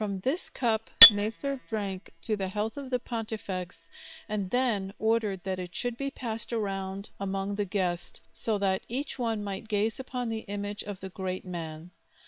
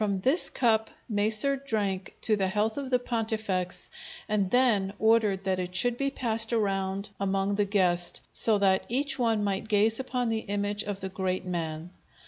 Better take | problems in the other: second | noise reduction (neural separator model SepFormer WHAM!)

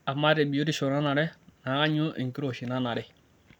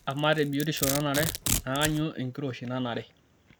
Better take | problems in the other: first | background sound (Domestic sounds, home sounds); 6 dB below the speech

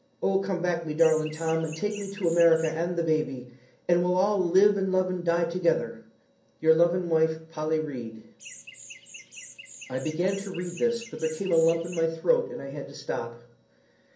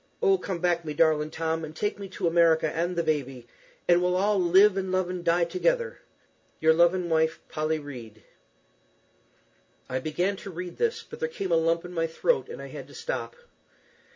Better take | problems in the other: second | background sound (Chirp, tweet); 18 dB below the speech // room echo; dies away in 0.6 s

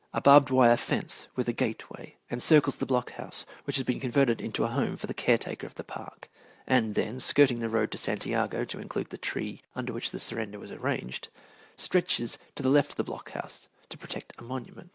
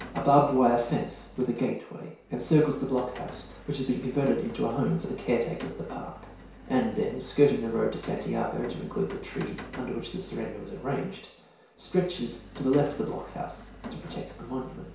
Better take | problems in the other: first | background sound (Rain); 16 dB below the speech // room echo; dies away in 0.6 s

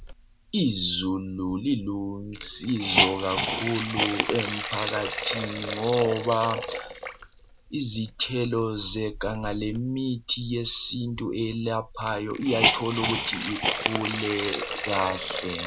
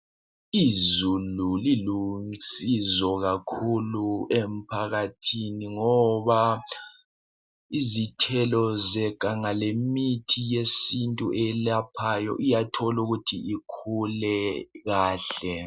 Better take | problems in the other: second | background sound (Hiss); 3 dB below the speech

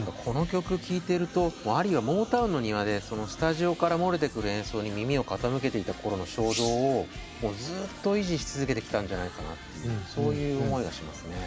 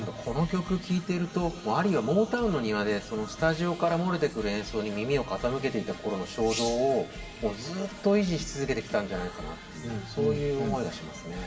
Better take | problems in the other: first | room echo; dies away in 2 s

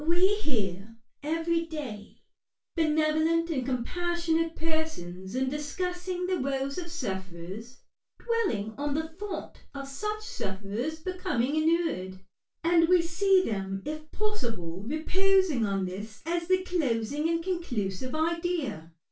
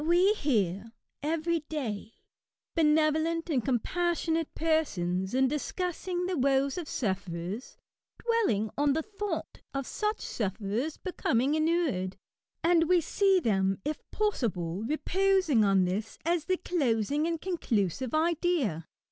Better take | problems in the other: second | room echo; dies away in 0.2 s

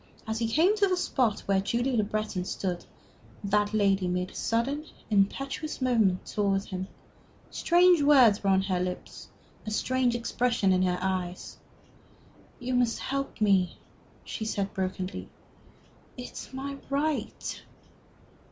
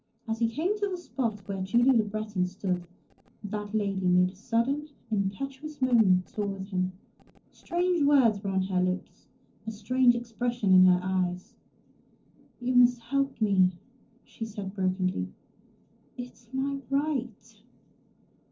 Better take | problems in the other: first | noise reduction (neural separator model SepFormer DNS4)

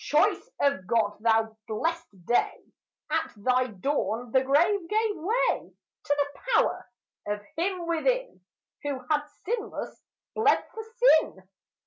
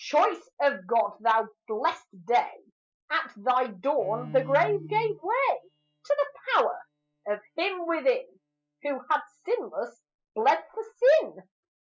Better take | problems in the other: first | noise reduction (classical method spectral subtraction)

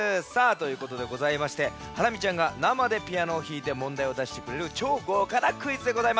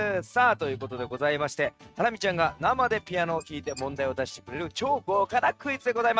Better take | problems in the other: first | noise reduction (neural mask model RNNoise)

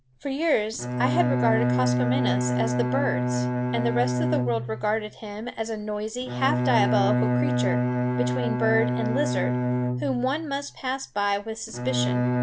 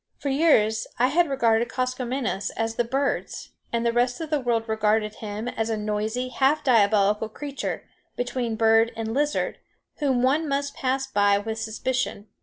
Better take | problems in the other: second | background sound (Bowed string instrument); 2 dB above the speech

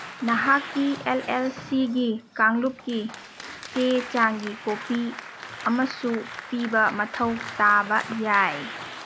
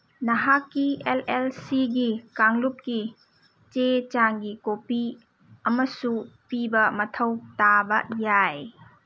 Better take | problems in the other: second | background sound (Applause); 13 dB below the speech

